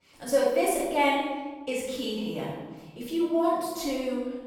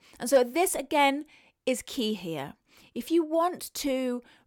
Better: second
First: room echo; strong; dies away in 1.2 s // off-mic speech; far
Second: none

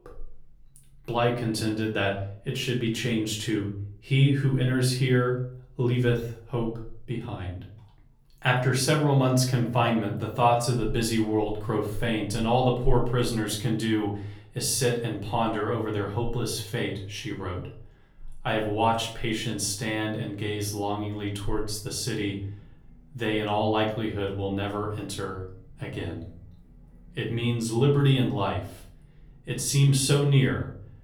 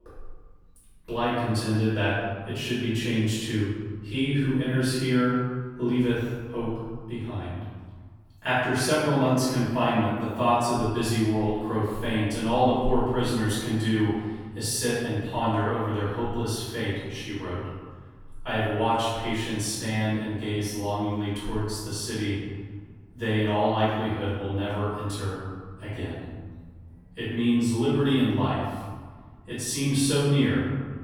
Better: first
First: room echo; slight; dies away in 0.4 s // off-mic speech; far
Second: room echo; strong; dies away in 1.3 s // off-mic speech; far

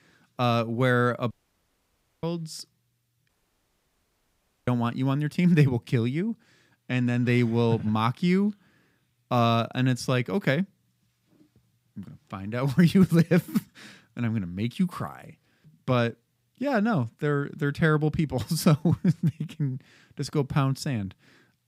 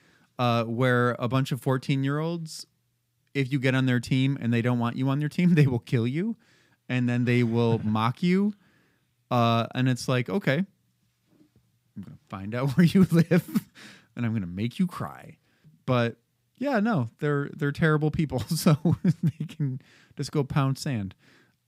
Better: second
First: audio cutting out; at 1.5 s for 1 s and at 3.5 s for 1.5 s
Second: none

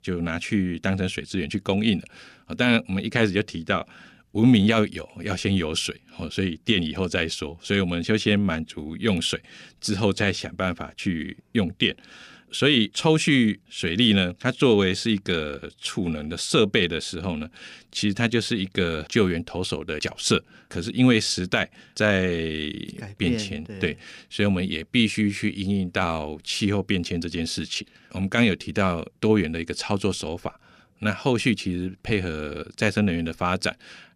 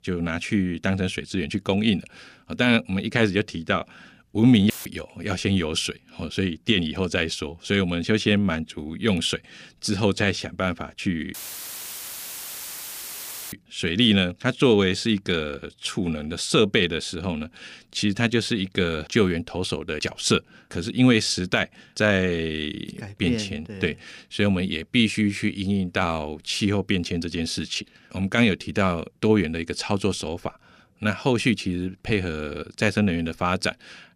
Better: first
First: none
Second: audio cutting out; filled with static; at 4.5 s and at 11 s for 2 s

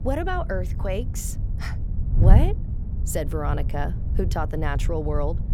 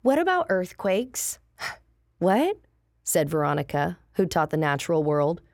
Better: second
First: wind noise on the microphone; occasional gusts; 10 dB below the speech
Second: none

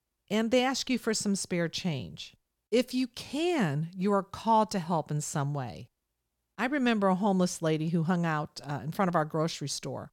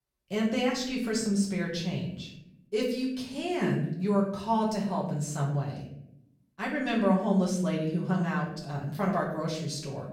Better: first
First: none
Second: off-mic speech; far // room echo; noticeable; dies away in 0.7 s

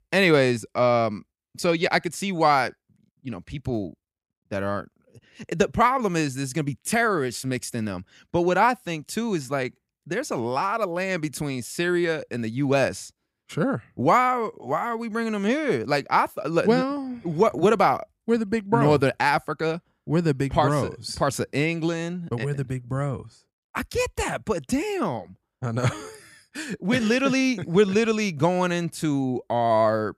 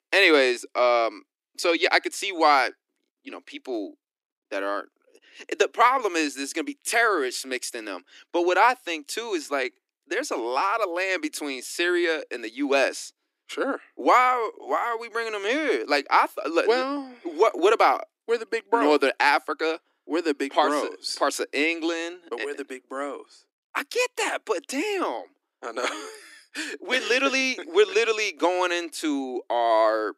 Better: first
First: none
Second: thin; somewhat; fading below 300 Hz

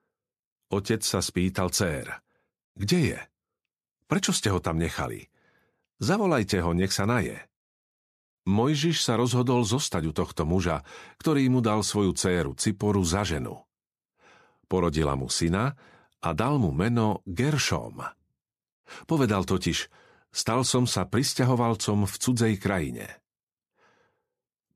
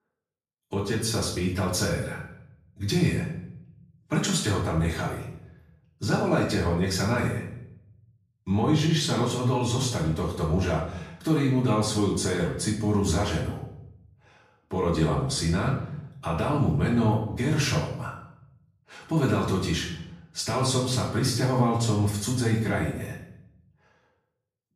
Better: first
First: none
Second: off-mic speech; far // room echo; noticeable; dies away in 0.7 s

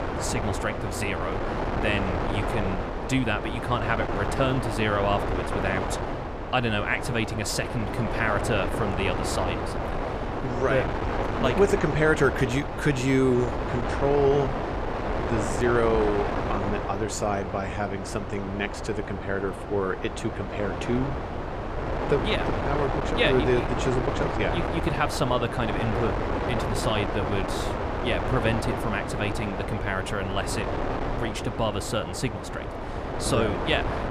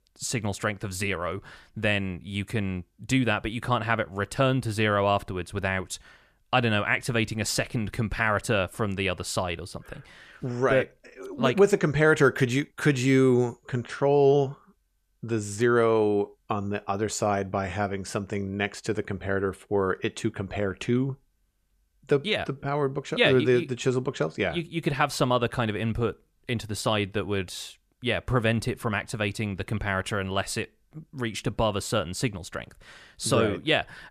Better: second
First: wind noise on the microphone; heavy; 2 dB below the speech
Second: none

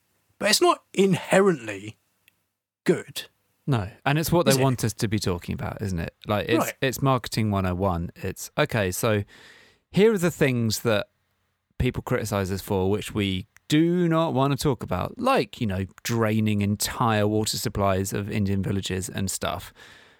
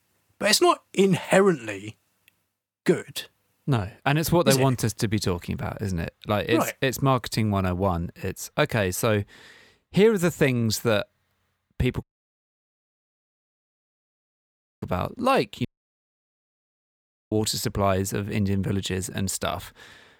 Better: first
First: none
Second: audio cutting out; at 12 s for 3 s and at 16 s for 1.5 s

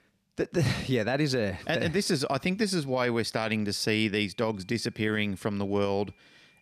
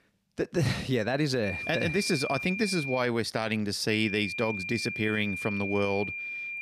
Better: first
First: high-pitched whine; faint; from 1.5 to 3 s and from 4 s on; 2.5 kHz, 35 dB below the speech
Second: high-pitched whine; loud; from 1.5 to 3 s and from 4 s on; 2.5 kHz, 5 dB below the speech

